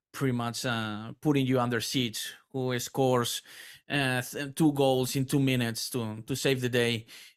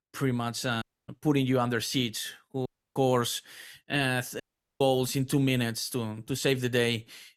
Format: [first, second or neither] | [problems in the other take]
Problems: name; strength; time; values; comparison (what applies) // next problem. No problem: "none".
first | audio cutting out; at 1 s, at 2.5 s and at 4.5 s